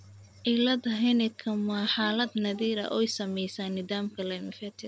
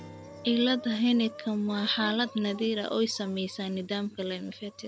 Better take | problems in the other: first | background sound (Chicken, rooster + Strum); 20 dB below the speech

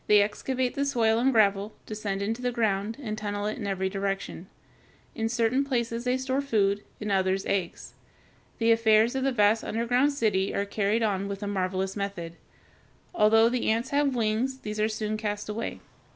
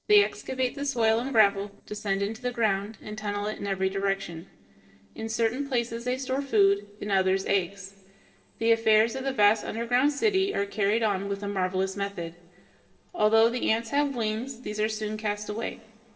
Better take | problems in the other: first | noise reduction (neural separator model SepFormer DNS4)

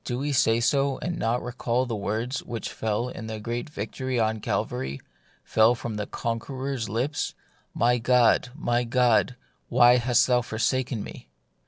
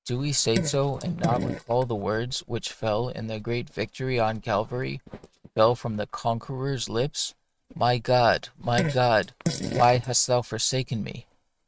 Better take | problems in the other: first | noise reduction (neural mask model RNNoise)

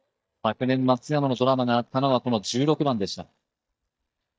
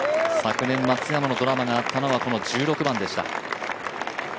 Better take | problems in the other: second | noise reduction (neural mask model DeepFilterNet 3)

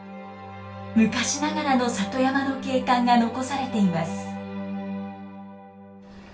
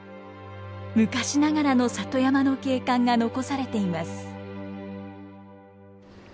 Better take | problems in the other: second | room echo; dies away in 0.3 s

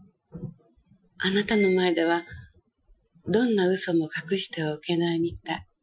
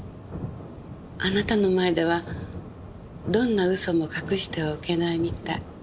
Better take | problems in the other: second | noise reduction (classical method Wiener filter)

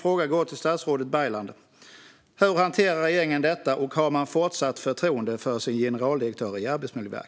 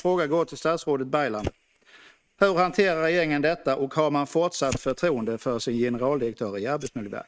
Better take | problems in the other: first | noise reduction (neural mask model RNNoise)

